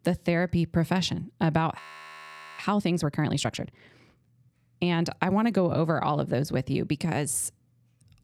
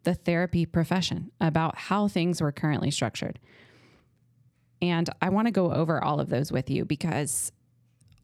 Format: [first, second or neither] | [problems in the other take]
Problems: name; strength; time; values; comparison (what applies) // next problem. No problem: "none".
second | audio freezing; at 2 s for 1 s